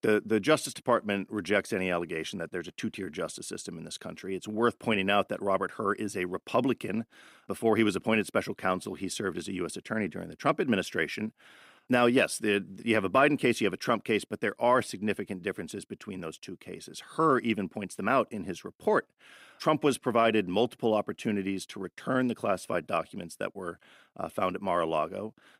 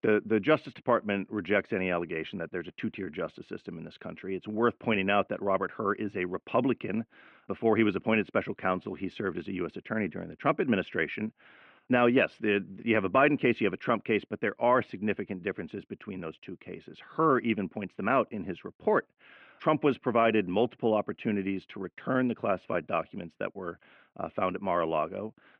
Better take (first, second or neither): first